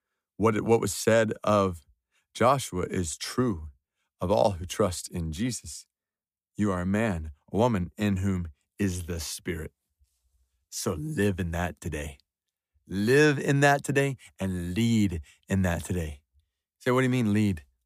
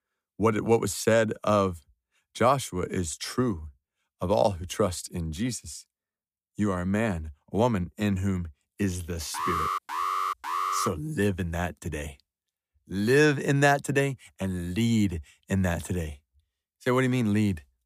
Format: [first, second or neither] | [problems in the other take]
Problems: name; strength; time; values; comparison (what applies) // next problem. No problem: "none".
first | alarm; noticeable; from 9.5 to 11 s; peak 1 dB below the speech